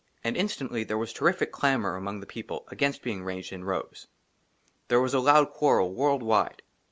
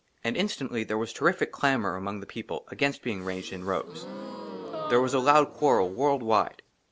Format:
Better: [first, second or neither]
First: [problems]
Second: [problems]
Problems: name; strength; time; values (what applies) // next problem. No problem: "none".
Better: first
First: none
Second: background sound (Gasp); 13 dB below the speech